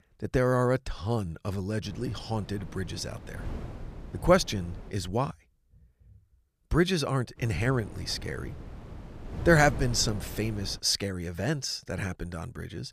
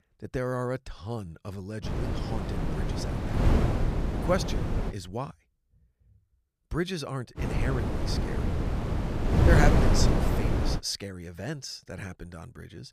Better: first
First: wind noise on the microphone; occasional gusts; from 2 to 5 s and from 7.5 to 11 s; 20 dB below the speech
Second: wind noise on the microphone; heavy; from 2 to 5 s and from 7.5 to 11 s; 1 dB above the speech

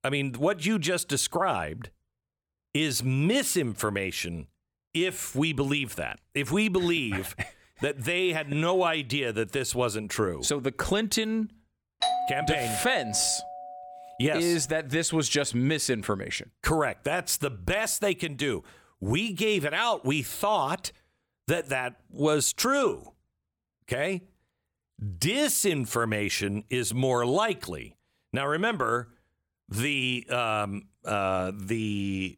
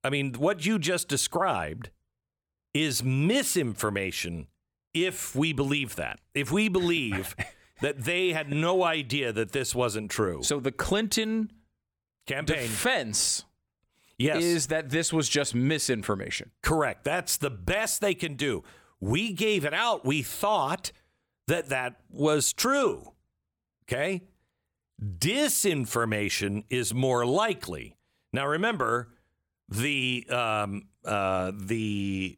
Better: second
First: doorbell; loud; from 12 to 14 s; peak level with the speech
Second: none

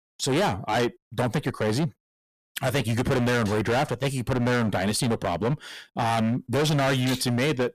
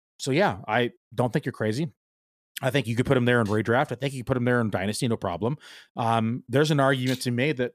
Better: second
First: distortion; heavy; 22% of the sound clipped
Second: none

